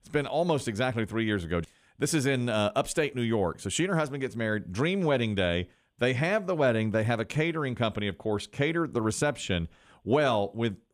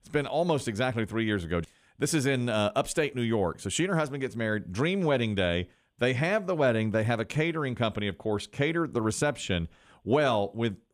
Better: neither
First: none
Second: none

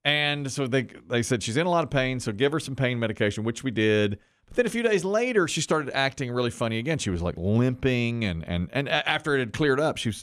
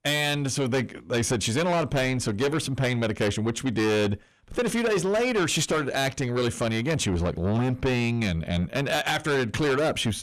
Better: first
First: none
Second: distortion; heavy; 6 dB below the speech

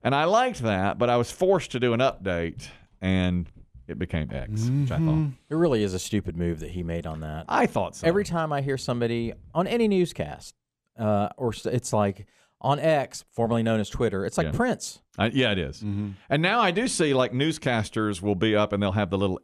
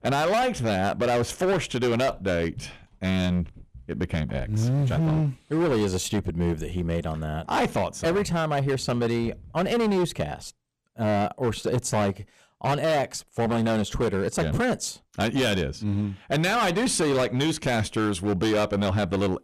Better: first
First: none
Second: distortion; heavy; 17% of the sound clipped

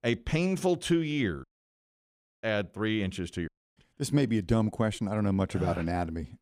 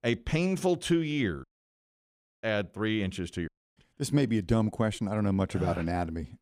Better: neither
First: audio cutting out; at 1.5 s for 1 s and at 3.5 s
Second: audio cutting out; at 1.5 s for 1 s and at 3.5 s

